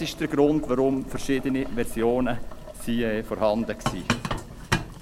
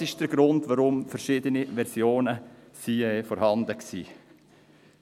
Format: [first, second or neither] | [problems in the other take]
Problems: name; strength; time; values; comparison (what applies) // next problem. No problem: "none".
second | background sound (Boiling); 6 dB below the speech